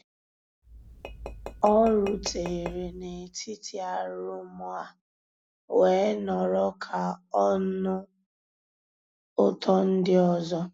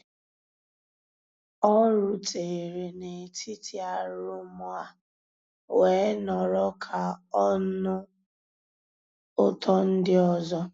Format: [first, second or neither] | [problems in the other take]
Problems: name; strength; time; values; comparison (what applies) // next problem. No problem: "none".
second | background sound (Tap / Glass); 13 dB below the speech